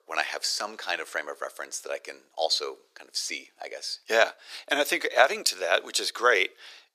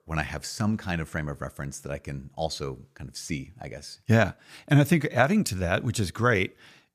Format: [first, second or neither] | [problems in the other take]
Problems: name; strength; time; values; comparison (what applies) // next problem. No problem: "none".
second | thin; very; fading below 400 Hz